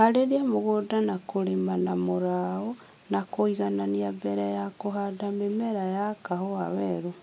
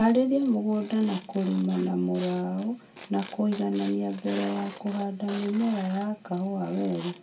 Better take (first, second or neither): first